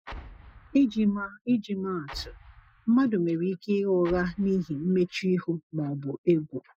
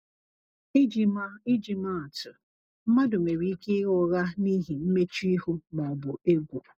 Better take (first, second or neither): second